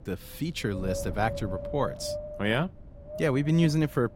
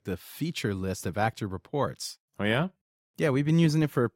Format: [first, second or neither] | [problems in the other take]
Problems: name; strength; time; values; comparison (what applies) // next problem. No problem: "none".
second | wind noise on the microphone; heavy; 7 dB below the speech